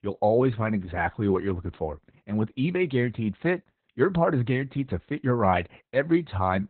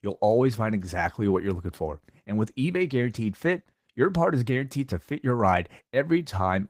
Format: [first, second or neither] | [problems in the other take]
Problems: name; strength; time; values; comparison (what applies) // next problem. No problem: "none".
second | garbled, watery; badly; nothing above 4 kHz; slightly in the second